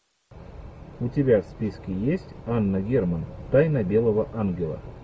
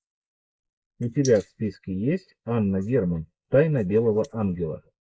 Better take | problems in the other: first | noise reduction (neural mask model Resemble Enhance denoiser)

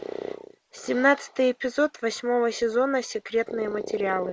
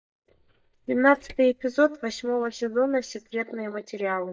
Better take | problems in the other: first | noise reduction (neural mask model DeepFilterNet 3)

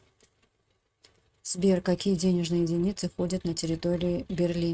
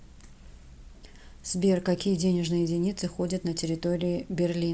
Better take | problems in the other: second | noise reduction (neural mask model RNNoise)

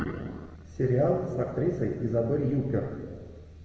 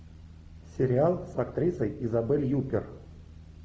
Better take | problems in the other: second | room echo; dies away in 1.5 s

